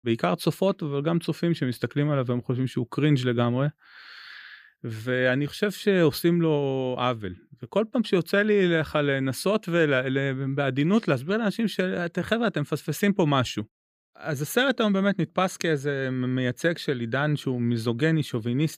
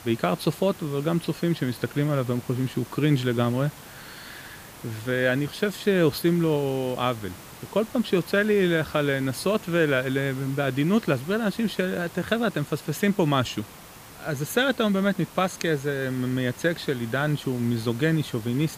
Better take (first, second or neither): first